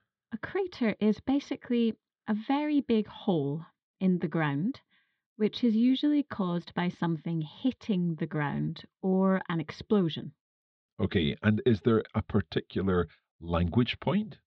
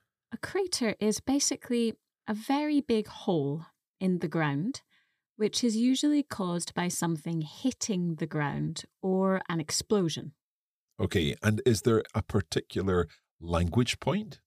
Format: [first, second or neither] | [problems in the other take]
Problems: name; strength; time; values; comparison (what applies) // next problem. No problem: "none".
second | muffled; very; fading above 3.5 kHz